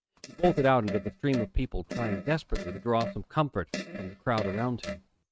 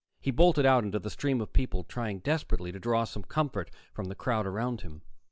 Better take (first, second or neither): second